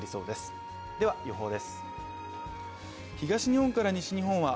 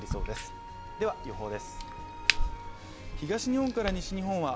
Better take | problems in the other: first | background sound (Crack); 2 dB below the speech

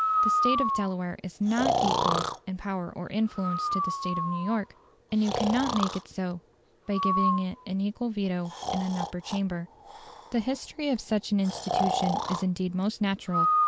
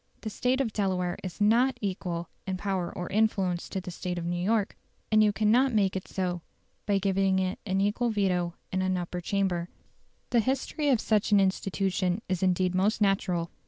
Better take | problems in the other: second | background sound (Breathing); 1 dB below the speech

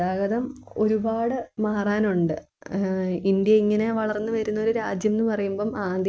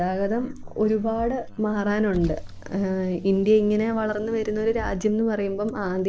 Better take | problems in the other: first | background sound (Bass drum + Car); 14 dB below the speech

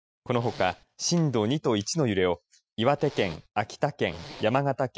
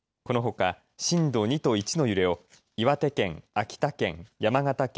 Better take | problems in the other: second | noise reduction (classical method Wiener filter)

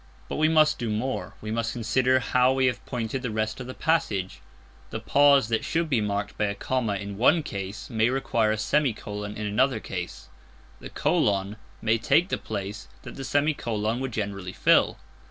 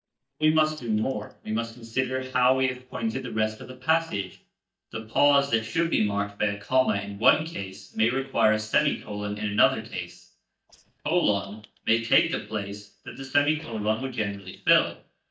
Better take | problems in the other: first | noise reduction (neural mask model DeepFilterNet 3)

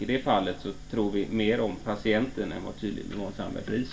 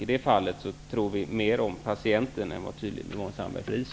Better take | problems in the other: second | room echo; dies away in 0.2 s

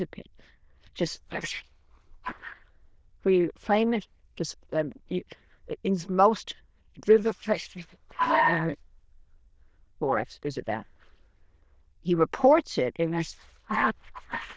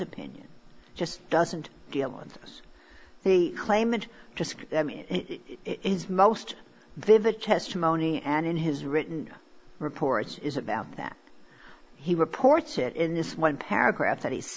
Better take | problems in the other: second | noise reduction (neural diffusion model UNIVERSE++)

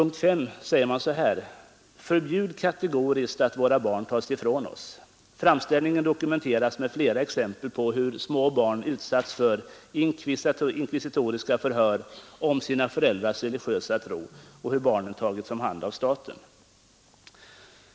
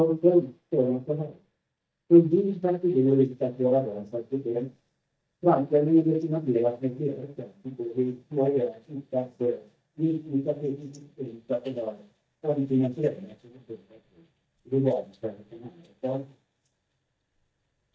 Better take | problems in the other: first | noise reduction (neural mask model DeepFilterNet 3)

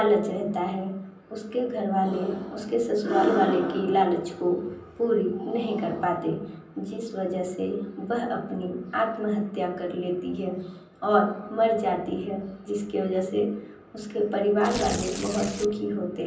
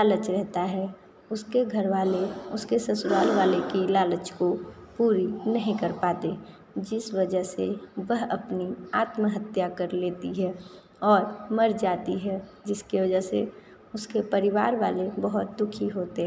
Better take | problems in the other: second | background sound (Tearing); 8 dB below the speech // room echo; dies away in 0.6 s

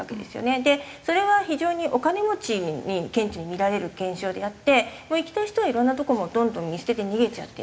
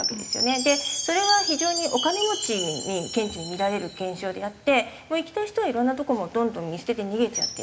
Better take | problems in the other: first | background sound (Chime); 6 dB below the speech

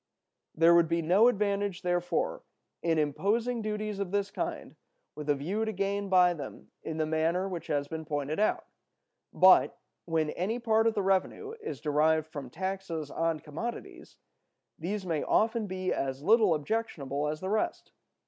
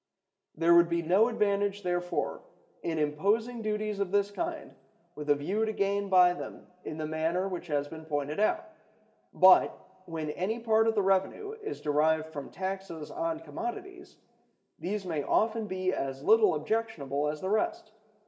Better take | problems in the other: first | room echo; dies away in 1 s

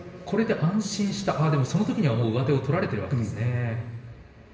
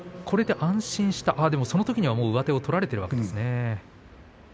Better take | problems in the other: second | background sound (Bowed string instrument); 16 dB below the speech // room echo; dies away in 1.3 s

